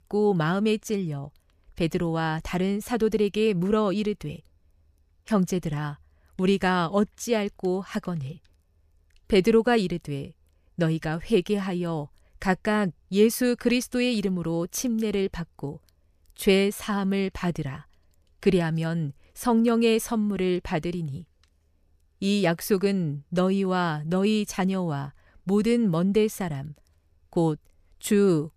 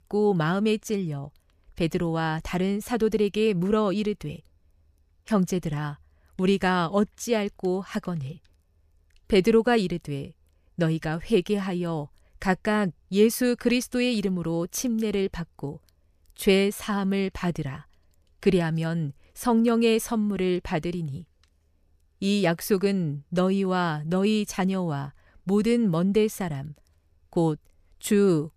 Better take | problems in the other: neither | none

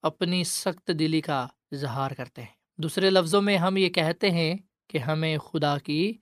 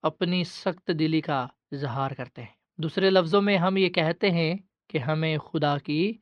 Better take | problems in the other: first | muffled; very slightly; fading above 4 kHz

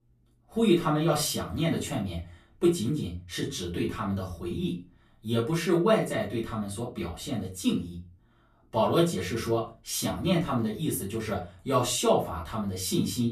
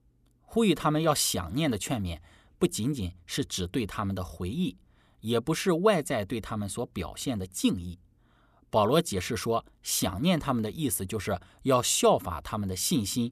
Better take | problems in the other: second | off-mic speech; far // room echo; slight; dies away in 0.3 s

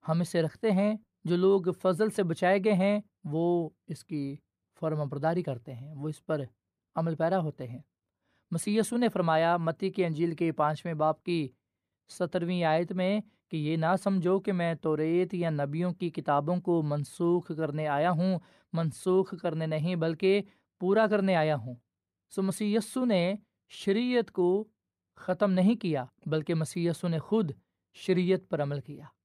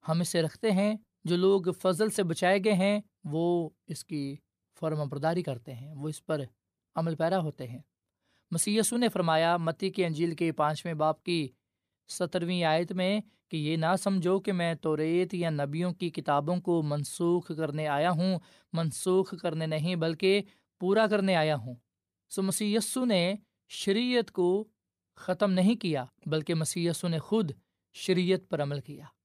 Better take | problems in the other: second | muffled; slightly; fading above 3 kHz

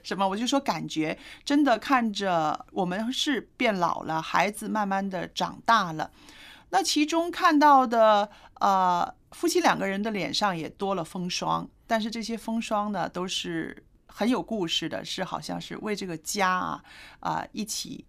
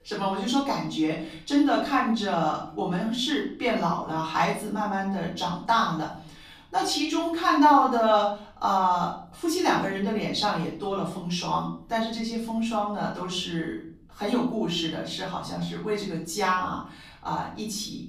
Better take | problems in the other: first | off-mic speech; far // room echo; noticeable; dies away in 0.5 s

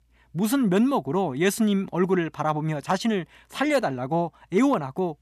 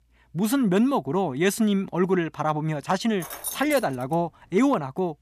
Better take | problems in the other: first | jangling keys; noticeable; at 3 s; peak 7 dB below the speech

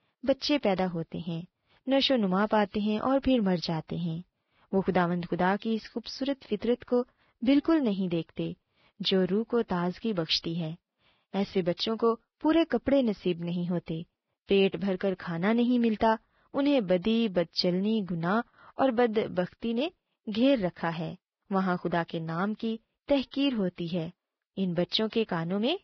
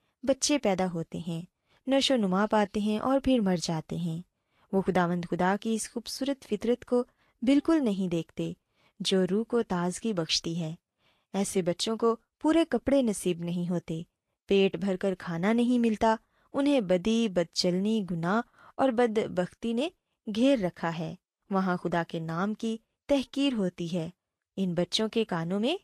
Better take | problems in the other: second | garbled, watery; badly; nothing above 5.5 kHz; slightly in the second

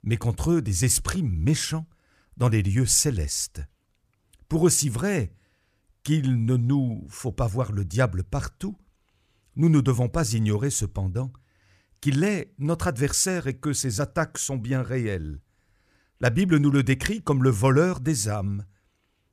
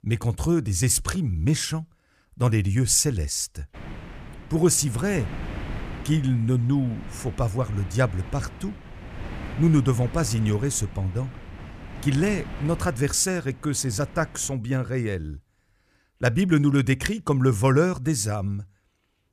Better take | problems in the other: first | wind noise on the microphone; occasional gusts; from 3.5 to 15 s; 15 dB below the speech

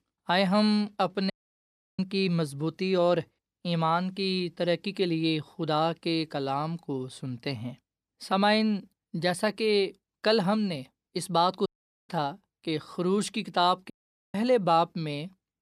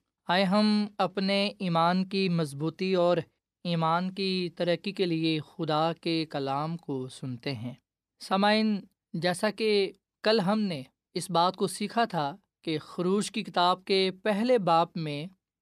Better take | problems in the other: second | audio cutting out; at 1.5 s for 0.5 s, at 12 s and at 14 s

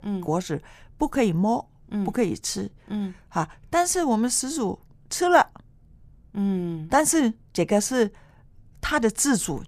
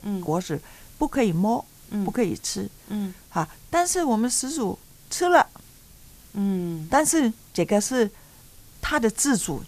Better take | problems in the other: first | hiss; faint; throughout; 25 dB below the speech

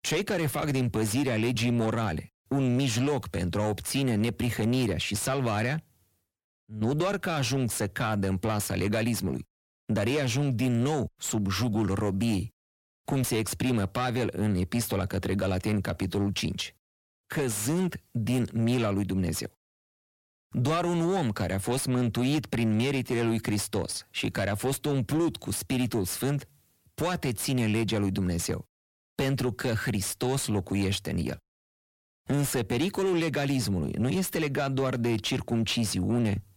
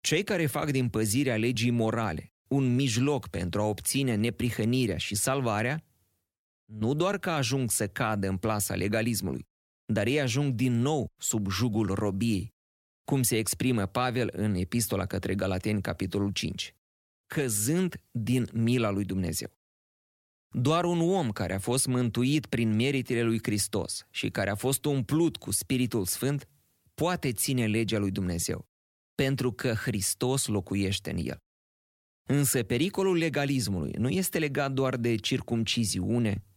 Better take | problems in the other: second | distortion; slight; 10 dB below the speech

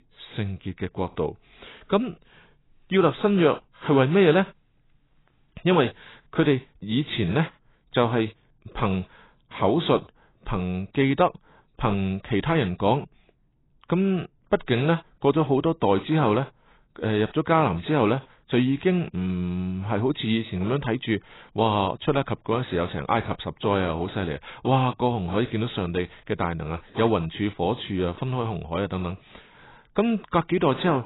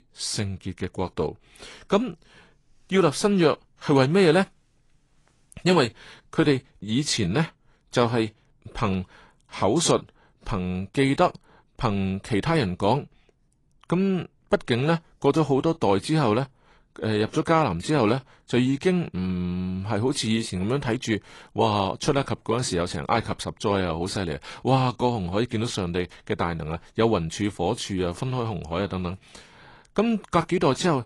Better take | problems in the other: second | garbled, watery; badly; nothing above 4 kHz; slightly in the second

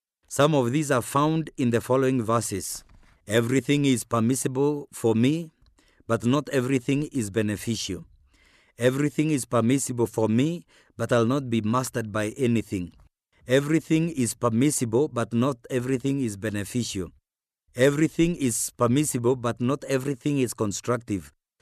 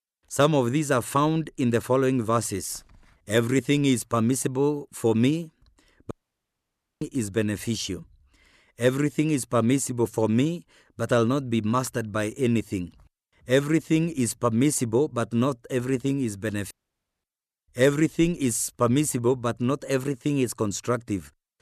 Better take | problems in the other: first | audio cutting out; at 6 s for 1 s and at 17 s for 0.5 s

